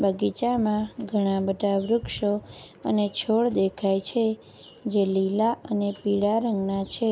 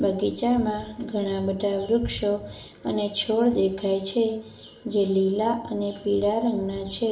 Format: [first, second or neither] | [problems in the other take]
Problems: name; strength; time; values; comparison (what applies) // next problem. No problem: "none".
first | room echo; dies away in 0.5 s